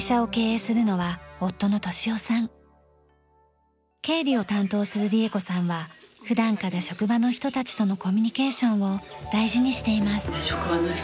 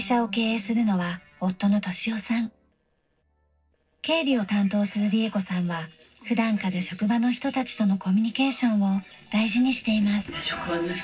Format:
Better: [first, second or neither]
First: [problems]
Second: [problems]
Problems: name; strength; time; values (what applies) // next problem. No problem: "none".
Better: first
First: none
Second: noise reduction (neural separator model SepFormer DNS4)